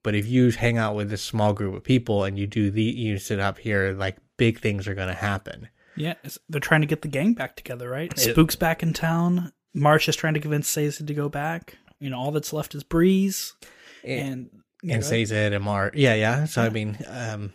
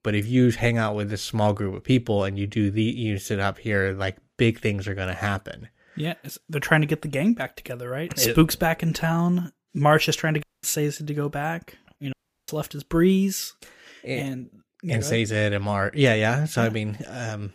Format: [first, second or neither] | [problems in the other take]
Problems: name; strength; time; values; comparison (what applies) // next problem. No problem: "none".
first | audio cutting out; at 10 s and at 12 s